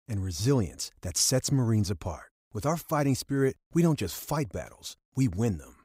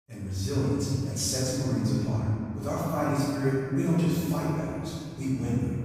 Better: first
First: none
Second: off-mic speech; far // room echo; strong; dies away in 2.6 s

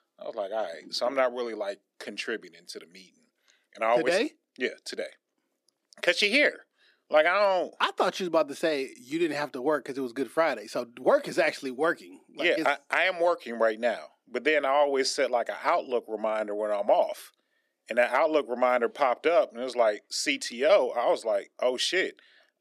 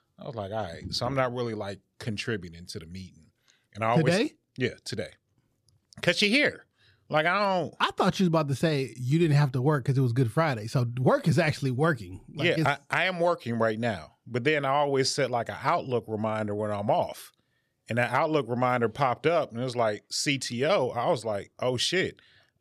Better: second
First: thin; somewhat; fading below 250 Hz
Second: none

